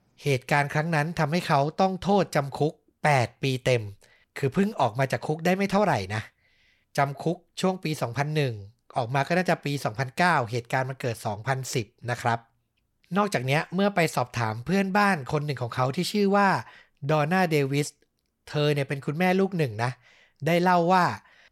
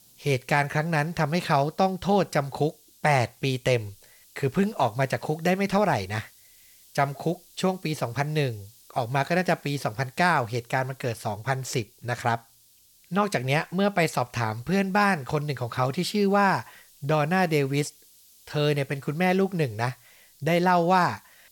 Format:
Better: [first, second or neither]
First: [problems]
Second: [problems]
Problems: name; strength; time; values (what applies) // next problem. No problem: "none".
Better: first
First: none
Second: hiss; faint; throughout; 25 dB below the speech